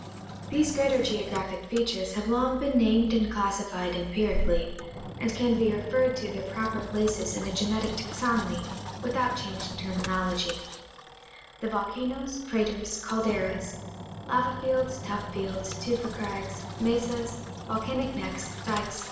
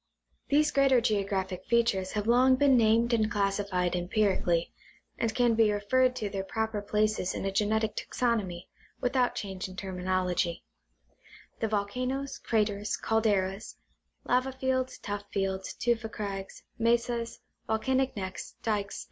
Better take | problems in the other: second | background sound (Engine); 11 dB below the speech // room echo; dies away in 1.1 s

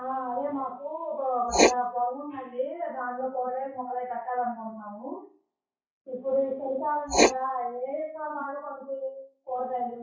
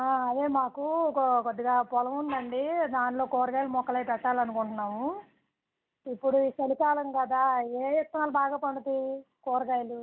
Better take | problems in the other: second | noise reduction (classical method WPE with log-MMSE)

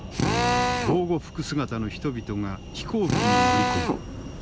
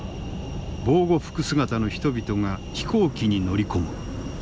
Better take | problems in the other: second | background sound (Drill); 2 dB above the speech

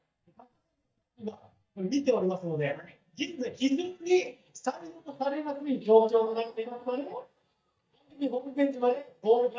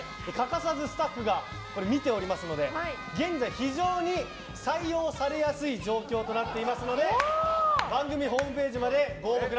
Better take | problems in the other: second | noise reduction (neural mask model DeepFilterNet 3)

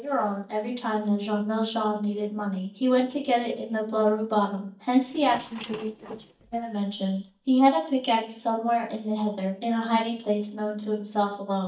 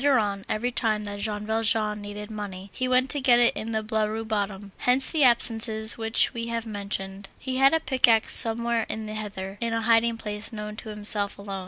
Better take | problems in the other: second | noise reduction (neural mask model DeepFilterNet 3)

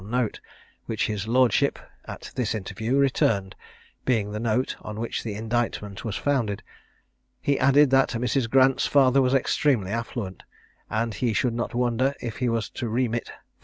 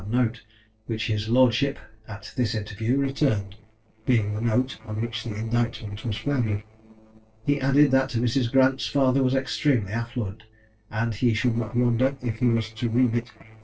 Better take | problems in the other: first | noise reduction (neural separator model SepFormer DNS4)

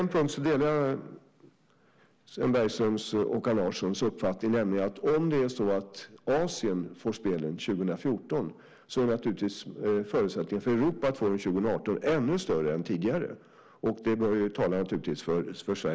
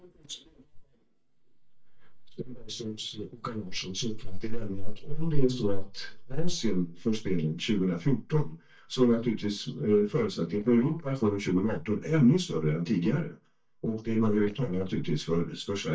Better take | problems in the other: first | noise reduction (neural mask model DeepFilterNet 3)

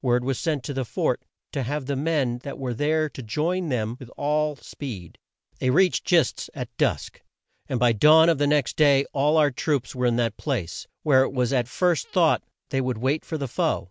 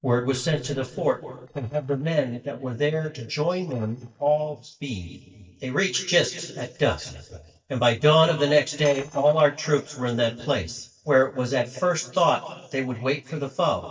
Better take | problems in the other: first | noise reduction (neural mask model DeepFilterNet 3)

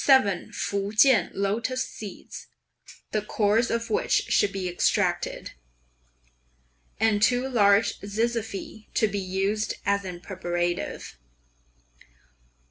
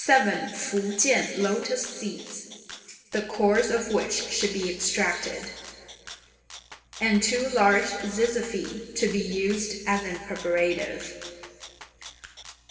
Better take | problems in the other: first | background sound (Rattle (instrument)); 18 dB below the speech // room echo; dies away in 2.1 s

